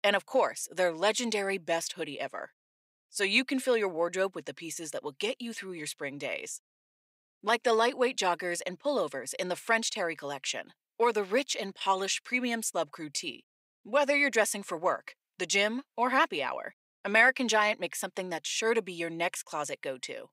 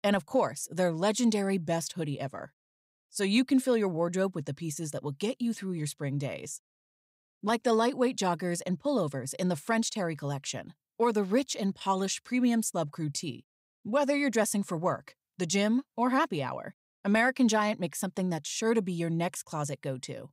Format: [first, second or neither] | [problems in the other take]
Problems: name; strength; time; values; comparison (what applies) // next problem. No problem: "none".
second | thin; somewhat; fading below 400 Hz